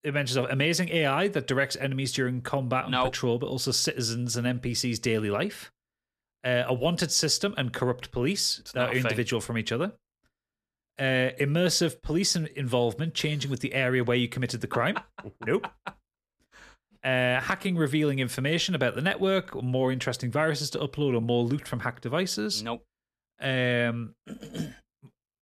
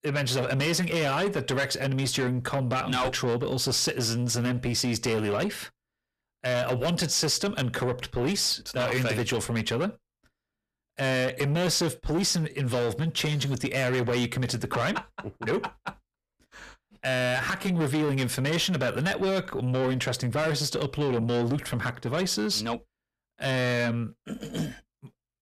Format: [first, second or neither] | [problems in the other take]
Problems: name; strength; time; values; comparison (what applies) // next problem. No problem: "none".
first | distortion; heavy; 7 dB below the speech